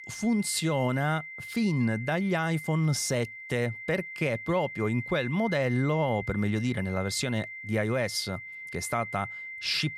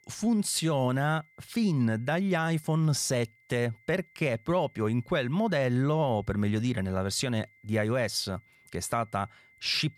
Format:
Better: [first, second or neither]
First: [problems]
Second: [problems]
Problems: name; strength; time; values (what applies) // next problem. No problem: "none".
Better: second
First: high-pitched whine; loud; throughout; 2 kHz, 10 dB below the speech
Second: high-pitched whine; faint; throughout; 2 kHz, 30 dB below the speech